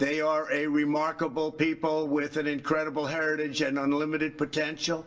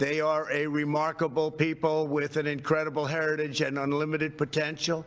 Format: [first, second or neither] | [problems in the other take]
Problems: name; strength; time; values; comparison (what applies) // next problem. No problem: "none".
second | room echo; dies away in 0.1 s